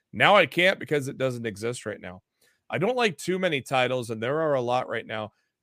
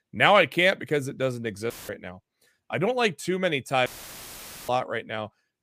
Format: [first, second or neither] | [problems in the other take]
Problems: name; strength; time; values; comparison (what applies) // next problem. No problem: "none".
first | audio cutting out; filled with static; at 1.5 s and at 4 s for 1 s